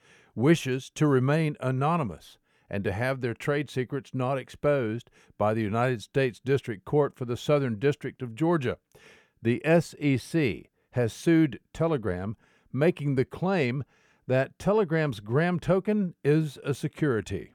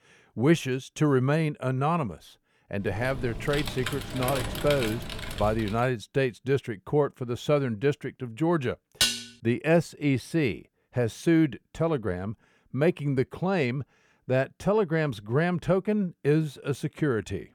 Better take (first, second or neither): first